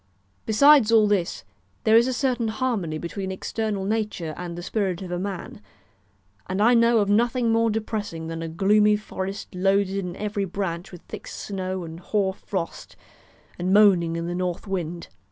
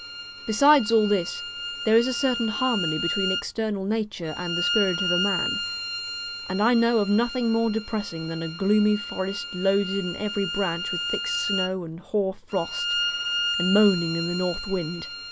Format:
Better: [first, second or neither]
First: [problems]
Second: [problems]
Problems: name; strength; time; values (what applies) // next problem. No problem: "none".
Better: first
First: none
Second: background sound (Bowed string instrument); 6 dB below the speech